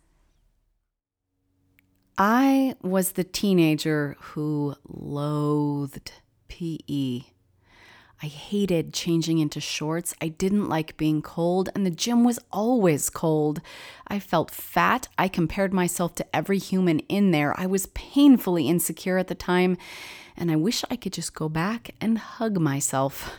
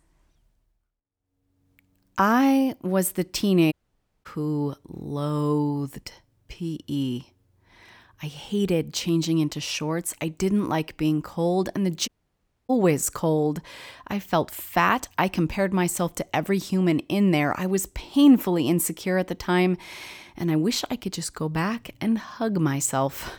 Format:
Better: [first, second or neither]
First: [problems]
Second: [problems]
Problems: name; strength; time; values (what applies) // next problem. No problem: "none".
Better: first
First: none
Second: audio cutting out; at 3.5 s for 0.5 s and at 12 s for 0.5 s